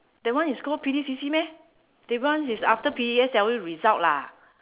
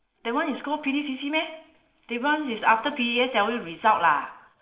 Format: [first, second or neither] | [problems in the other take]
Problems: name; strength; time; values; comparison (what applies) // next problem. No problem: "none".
first | noise reduction (neural separator model SepFormer DNS4)